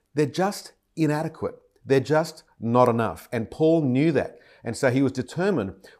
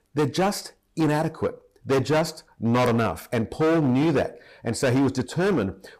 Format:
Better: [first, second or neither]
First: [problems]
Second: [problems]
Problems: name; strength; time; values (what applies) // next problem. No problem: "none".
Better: first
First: none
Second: distortion; heavy; 14% of the sound clipped